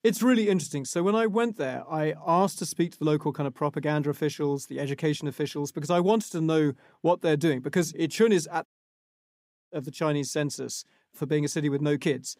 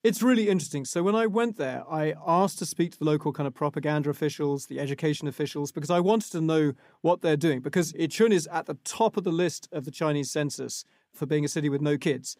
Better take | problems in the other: second | audio cutting out; at 8.5 s for 1 s

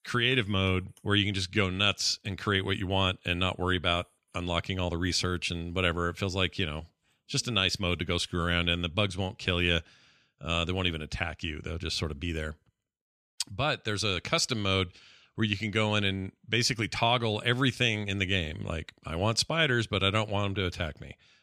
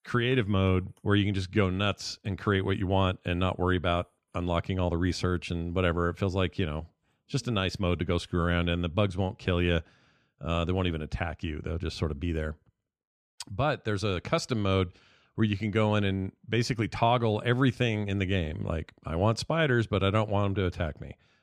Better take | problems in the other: first | muffled; slightly; fading above 2 kHz

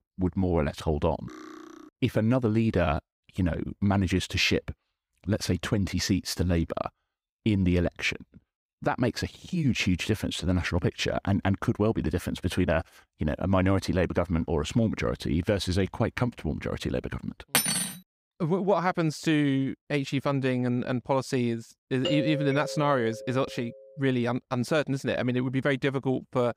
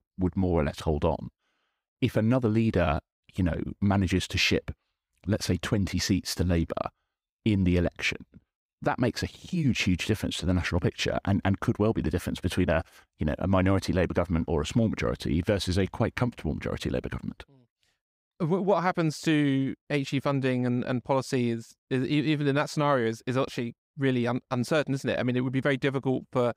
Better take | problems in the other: second | clattering dishes; faint; at 1.5 s; peak 15 dB below the speech // clattering dishes; loud; at 18 s; peak 4 dB above the speech // doorbell; noticeable; from 22 to 24 s; peak 3 dB below the speech

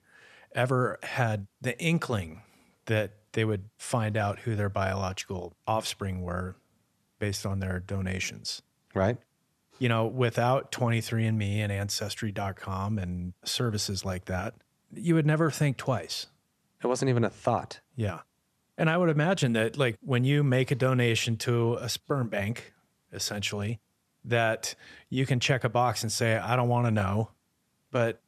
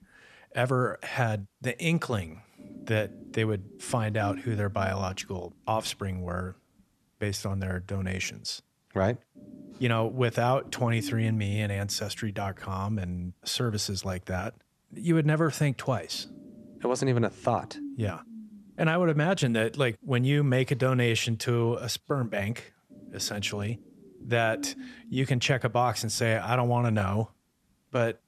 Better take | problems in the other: first | low rumble; faint; throughout; 20 dB below the speech

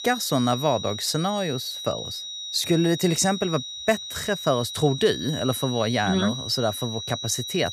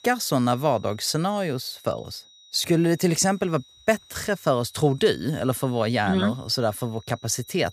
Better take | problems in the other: second | high-pitched whine; loud; throughout; 4 kHz, 7 dB below the speech; faint in the second

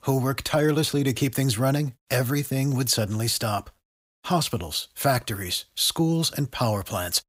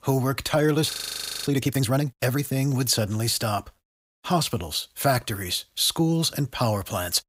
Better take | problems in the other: first | audio freezing; at 1 s for 0.5 s

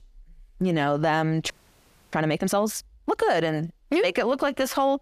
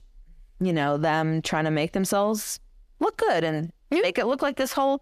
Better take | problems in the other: second | audio freezing; at 1.5 s for 0.5 s

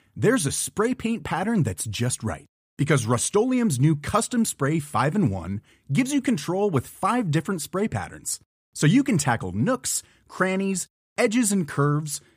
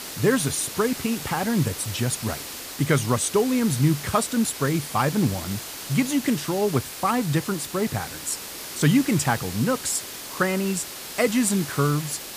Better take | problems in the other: first | hiss; loud; throughout; 9 dB below the speech

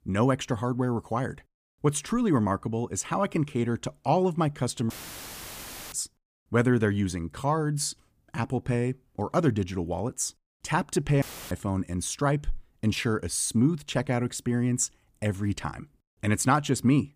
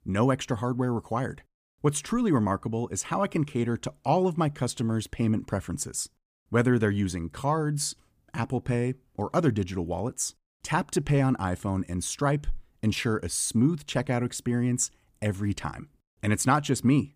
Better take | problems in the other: second | audio cutting out; filled with static; at 5 s for 1 s and at 11 s

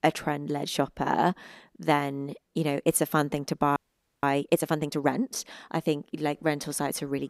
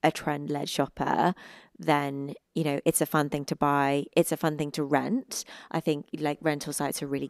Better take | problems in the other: second | audio freezing; at 4 s

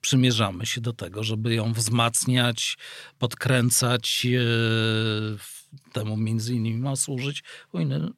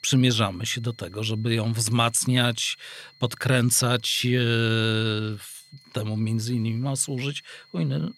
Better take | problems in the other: first | high-pitched whine; faint; throughout; 4 kHz, 30 dB below the speech

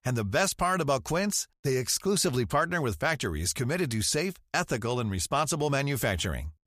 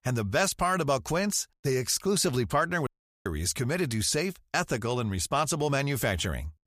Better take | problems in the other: first | audio cutting out; at 3 s

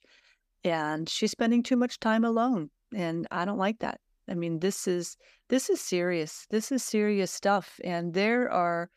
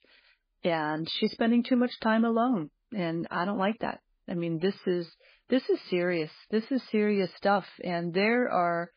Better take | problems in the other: first | garbled, watery; badly

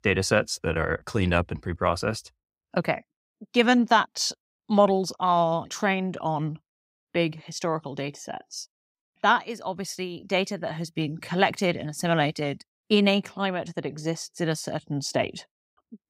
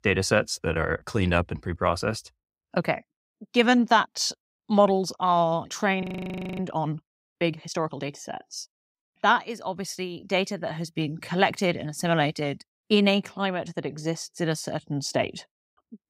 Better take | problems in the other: first | audio freezing; at 6 s for 0.5 s

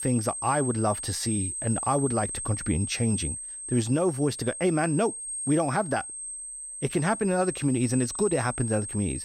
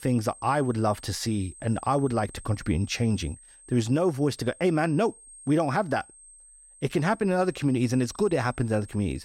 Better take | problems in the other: second | high-pitched whine; loud; throughout; 8.5 kHz, 5 dB below the speech; faint in the second

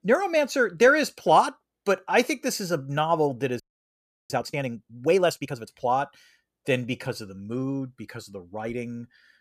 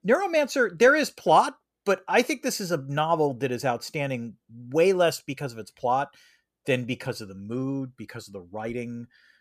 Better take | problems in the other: second | audio freezing; at 3.5 s for 0.5 s

